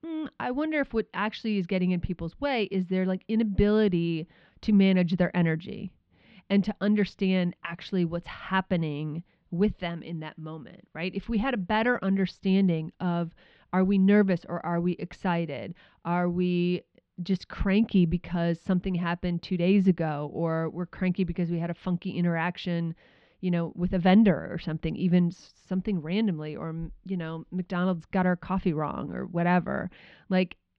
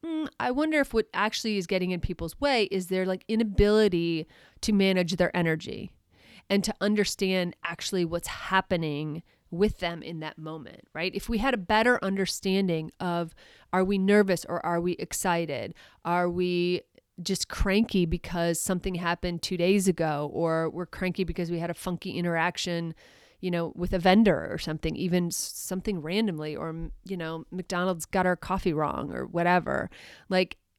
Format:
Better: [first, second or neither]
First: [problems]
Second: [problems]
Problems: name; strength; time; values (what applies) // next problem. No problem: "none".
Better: second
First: muffled; slightly; fading above 3.5 kHz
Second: none